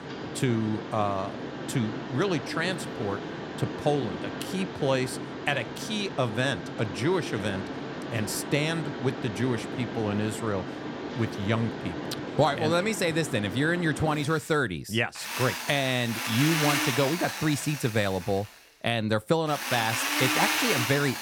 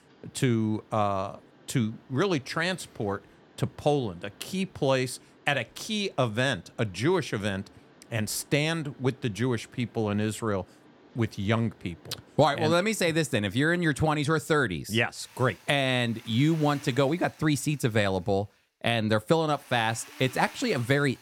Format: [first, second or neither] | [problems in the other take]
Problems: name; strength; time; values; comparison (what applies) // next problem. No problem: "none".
second | machinery noise; loud; throughout; 4 dB below the speech; faint in the second